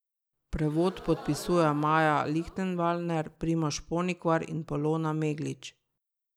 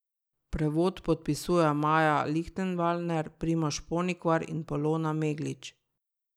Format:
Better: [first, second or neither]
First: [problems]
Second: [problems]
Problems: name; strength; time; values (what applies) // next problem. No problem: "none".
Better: second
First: background sound (Crowd / Gasp); 18 dB below the speech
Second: none